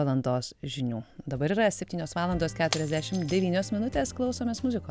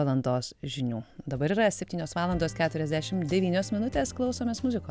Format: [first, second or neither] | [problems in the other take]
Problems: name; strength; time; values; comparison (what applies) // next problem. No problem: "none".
second | background sound (Shatter); 15 dB below the speech